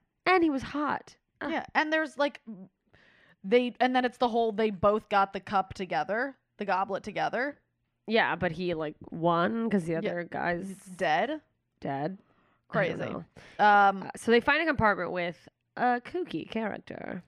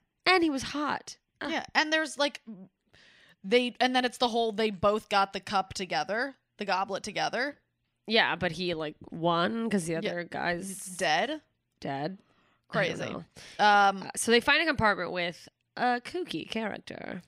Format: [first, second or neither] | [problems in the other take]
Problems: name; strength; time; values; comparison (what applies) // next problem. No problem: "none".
second | muffled; slightly; fading above 3 kHz